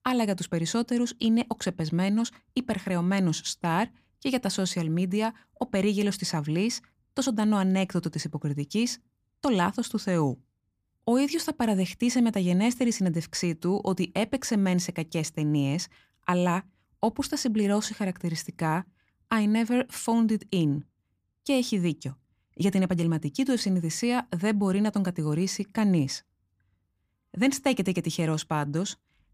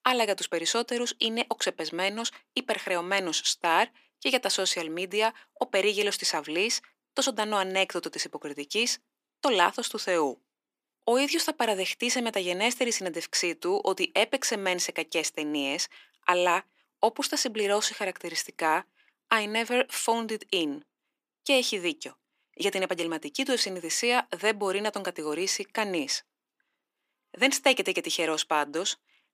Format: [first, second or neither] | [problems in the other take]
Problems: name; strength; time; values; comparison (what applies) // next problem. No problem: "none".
first | thin; very; fading below 350 Hz